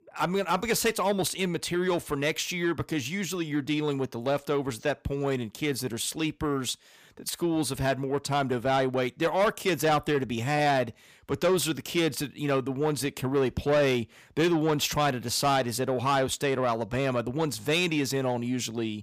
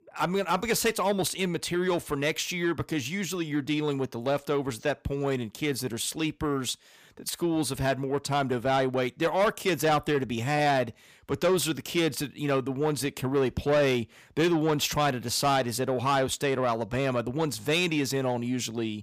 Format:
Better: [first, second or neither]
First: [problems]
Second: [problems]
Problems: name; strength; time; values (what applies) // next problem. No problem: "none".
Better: neither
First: distortion; slight; 10 dB below the speech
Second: distortion; slight; 10 dB below the speech